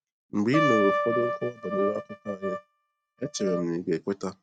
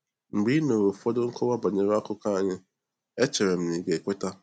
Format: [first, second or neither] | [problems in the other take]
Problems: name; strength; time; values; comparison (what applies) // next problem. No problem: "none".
second | noise reduction (neural mask model RNNoise)